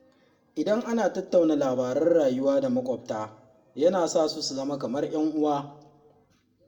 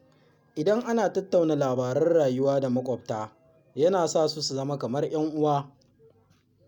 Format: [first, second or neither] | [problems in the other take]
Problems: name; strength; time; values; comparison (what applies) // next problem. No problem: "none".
second | room echo; dies away in 0.6 s